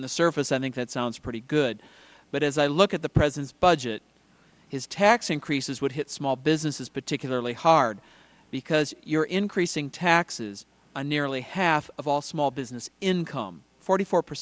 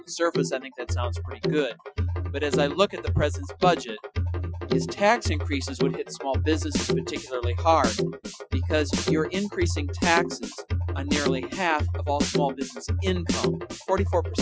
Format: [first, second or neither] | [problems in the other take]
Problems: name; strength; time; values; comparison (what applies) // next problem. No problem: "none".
first | noise reduction (classical method Wiener filter)